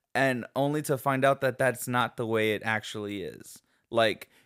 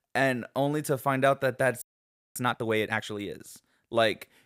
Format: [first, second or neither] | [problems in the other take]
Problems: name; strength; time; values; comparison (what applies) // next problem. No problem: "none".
first | audio freezing; at 2 s for 0.5 s